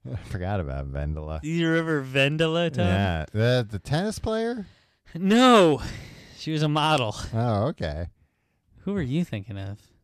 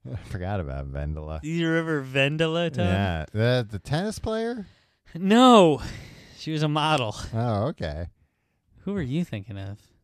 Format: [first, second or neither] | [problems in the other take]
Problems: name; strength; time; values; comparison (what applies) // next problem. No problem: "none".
second | distortion; slight; 1.2% of the sound clipped